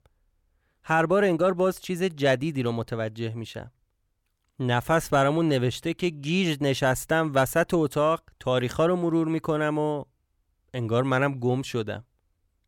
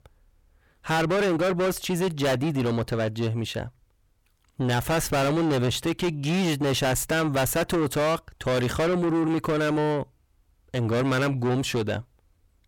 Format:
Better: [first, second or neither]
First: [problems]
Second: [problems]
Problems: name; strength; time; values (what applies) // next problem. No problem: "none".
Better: first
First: none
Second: distortion; heavy; 6 dB below the speech